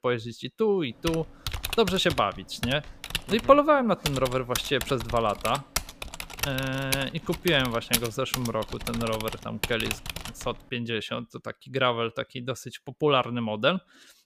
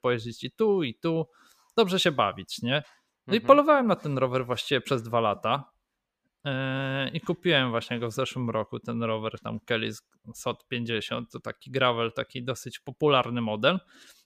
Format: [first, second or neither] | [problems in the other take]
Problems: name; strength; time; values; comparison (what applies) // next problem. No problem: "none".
second | keyboard typing; loud; from 1 to 10 s; peak level with the speech